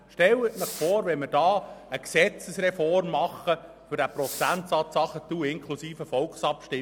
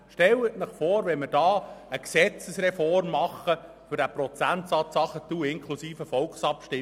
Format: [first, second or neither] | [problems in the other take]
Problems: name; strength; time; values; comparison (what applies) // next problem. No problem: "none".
second | background sound (Fireworks); 19 dB below the speech